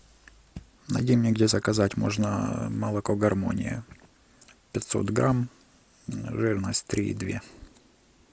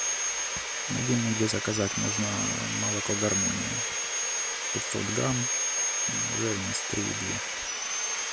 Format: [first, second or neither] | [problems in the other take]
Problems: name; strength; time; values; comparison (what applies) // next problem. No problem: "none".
first | background sound (Sawing); 2 dB above the speech